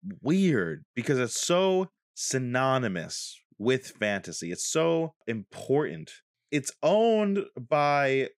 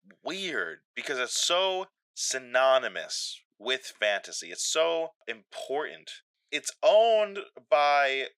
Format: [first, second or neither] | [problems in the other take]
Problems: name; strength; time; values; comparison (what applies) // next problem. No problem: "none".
first | thin; very; fading below 700 Hz